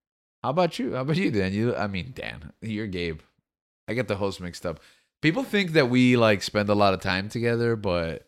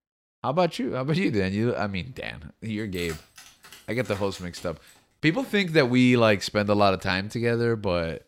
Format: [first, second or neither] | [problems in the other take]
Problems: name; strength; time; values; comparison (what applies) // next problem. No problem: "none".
first | jangling keys; faint; from 3 to 5 s; peak 15 dB below the speech